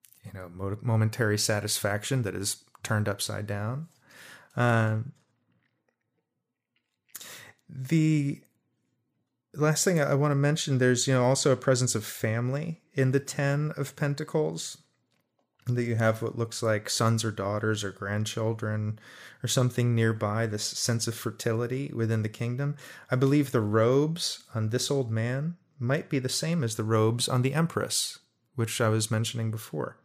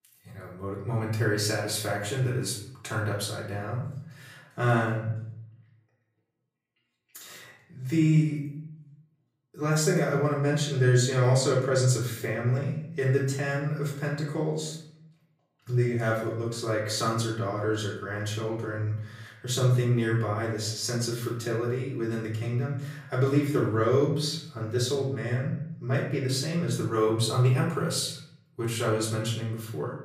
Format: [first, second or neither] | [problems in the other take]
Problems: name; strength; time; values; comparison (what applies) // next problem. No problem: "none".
first | room echo; slight; dies away in 0.6 s // off-mic speech; far